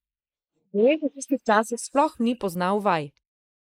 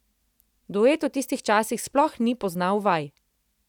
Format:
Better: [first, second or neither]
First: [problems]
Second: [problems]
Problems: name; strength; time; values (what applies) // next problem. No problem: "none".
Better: second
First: noise reduction (neural mask model Resemble Enhance denoiser)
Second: none